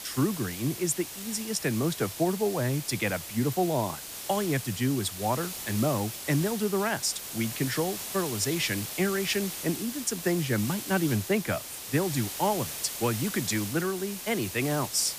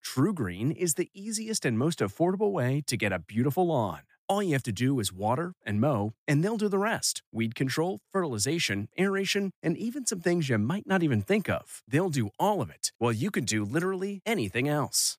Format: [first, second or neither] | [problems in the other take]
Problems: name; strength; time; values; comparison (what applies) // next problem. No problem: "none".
second | hiss; loud; throughout; 6 dB below the speech